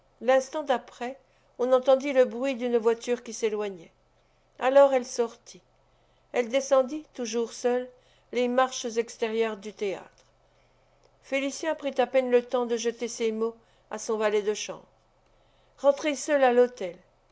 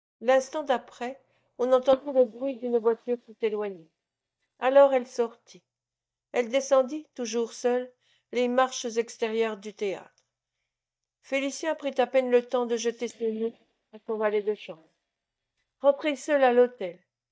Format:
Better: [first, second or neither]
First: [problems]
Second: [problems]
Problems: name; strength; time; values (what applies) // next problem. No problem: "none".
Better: first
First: none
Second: noise reduction (neural mask model DeepFilterNet 3)